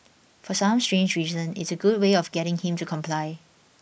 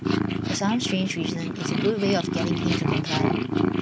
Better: first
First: none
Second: background sound (Purr); 3 dB above the speech

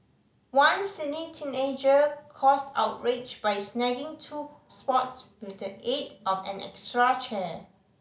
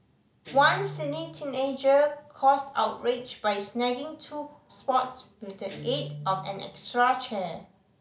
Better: first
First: none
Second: background sound (Guitar); 17 dB below the speech

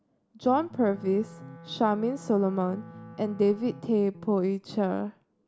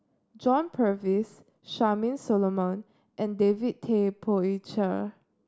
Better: second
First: background sound (Wind instrument, woodwind instrument + Bass guitar); 19 dB below the speech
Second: none

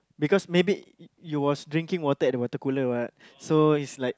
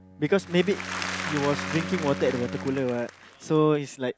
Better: first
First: none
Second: background sound (Bowed string instrument + Applause / Crowd); 8 dB below the speech

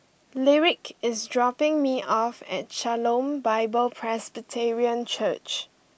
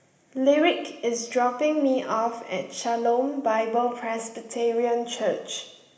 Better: first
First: none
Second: room echo; dies away in 1 s

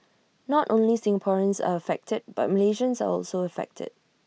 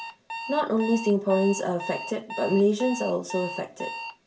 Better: first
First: none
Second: background sound (Alarm); 11 dB below the speech // room echo; dies away in 0.3 s

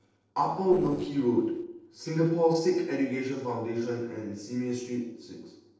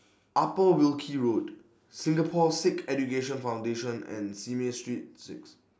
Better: second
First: noise reduction (neural separator model SepFormer DNS4)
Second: none

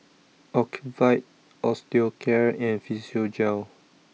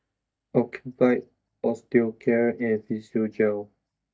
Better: first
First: none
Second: noise reduction (neural mask model DeepFilterNet 3)

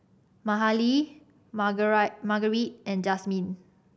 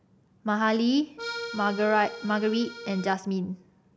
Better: first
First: none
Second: background sound (Accordion); 11 dB below the speech

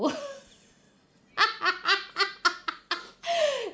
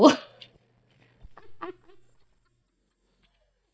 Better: first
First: none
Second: noise reduction (neural mask model DeepFilterNet 3)

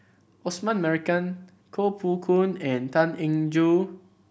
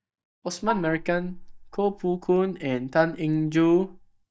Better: first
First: none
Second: noise reduction (neural mask model DeepFilterNet 3)

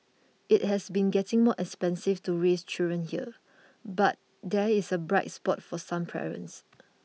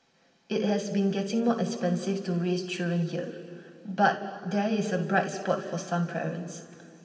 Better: first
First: none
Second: room echo; dies away in 2.3 s

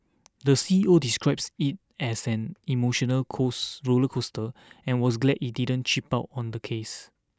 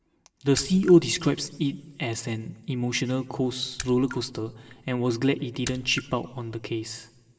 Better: first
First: none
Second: background sound (Raindrop / Splash, splatter); 18 dB below the speech // room echo; dies away in 1.1 s

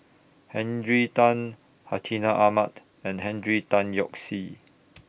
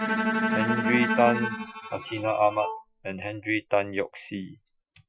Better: first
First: none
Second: noise reduction (classical method Wiener filter)

